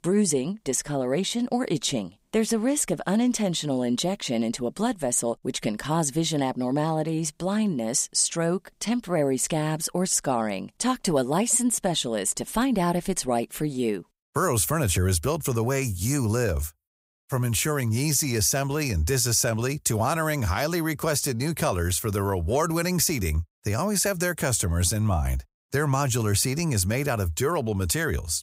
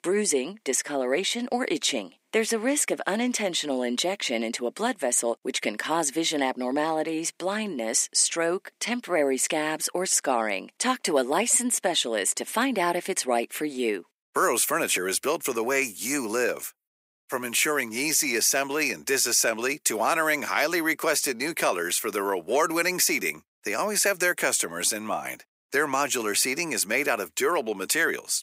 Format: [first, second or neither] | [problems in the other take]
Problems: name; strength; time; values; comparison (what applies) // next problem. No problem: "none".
first | thin; somewhat; fading below 250 Hz